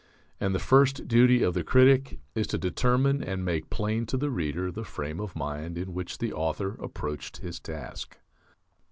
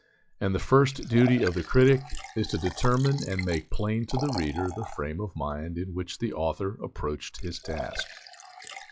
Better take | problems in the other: first | noise reduction (classical method log-MMSE)

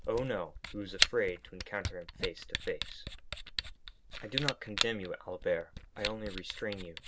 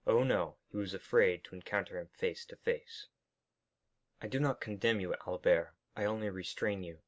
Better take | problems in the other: second | background sound (Camera); 1 dB below the speech

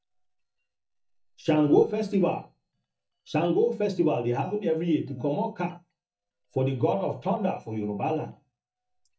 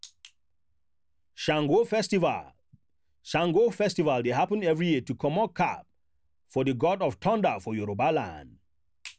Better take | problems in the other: second | noise reduction (neural mask model DeepFilterNet 3)

